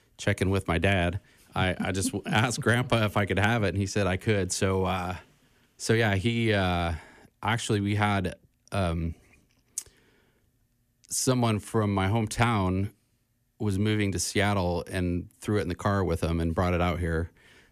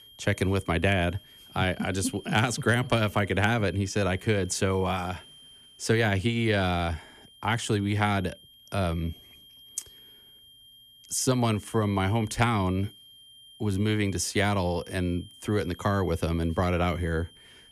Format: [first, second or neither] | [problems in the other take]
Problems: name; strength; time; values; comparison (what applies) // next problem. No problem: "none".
first | high-pitched whine; faint; throughout; 3 kHz, 25 dB below the speech